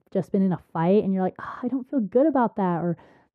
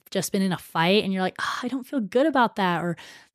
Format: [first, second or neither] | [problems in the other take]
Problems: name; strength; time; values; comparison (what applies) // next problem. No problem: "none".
second | muffled; very; fading above 2 kHz